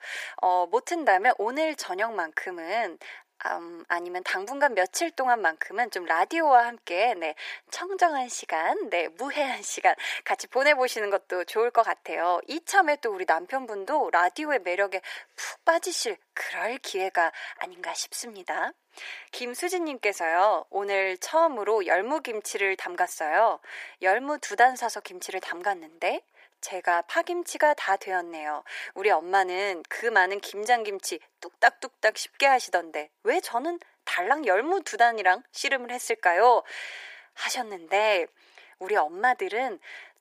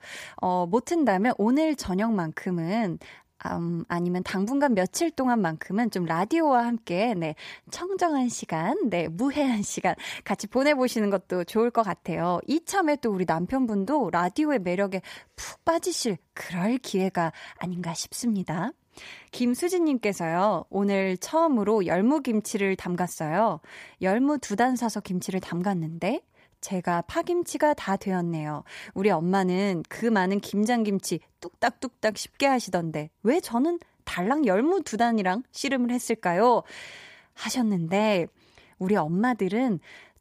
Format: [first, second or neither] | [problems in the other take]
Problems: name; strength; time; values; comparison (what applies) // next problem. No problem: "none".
second | thin; very; fading below 400 Hz